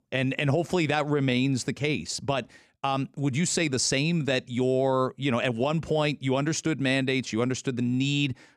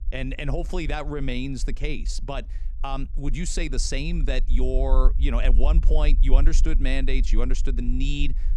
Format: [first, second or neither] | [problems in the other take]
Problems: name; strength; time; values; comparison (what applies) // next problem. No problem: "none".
first | low rumble; noticeable; throughout; 20 dB below the speech